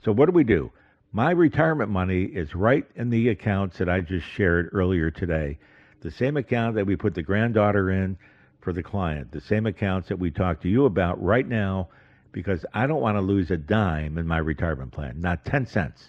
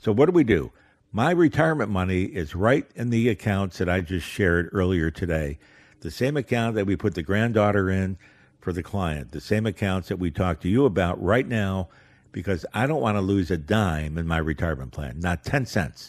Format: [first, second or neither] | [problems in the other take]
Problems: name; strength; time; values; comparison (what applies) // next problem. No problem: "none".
second | muffled; slightly; fading above 3 kHz